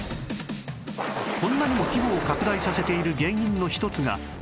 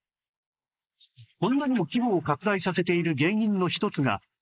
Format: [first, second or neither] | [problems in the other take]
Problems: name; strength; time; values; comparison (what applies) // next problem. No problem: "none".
first | noise reduction (neural mask model Resemble Enhance denoiser)